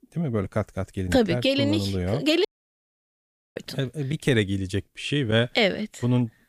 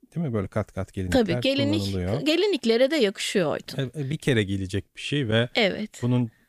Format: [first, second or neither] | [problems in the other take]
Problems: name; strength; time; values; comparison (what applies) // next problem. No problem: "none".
second | audio cutting out; at 2.5 s for 1 s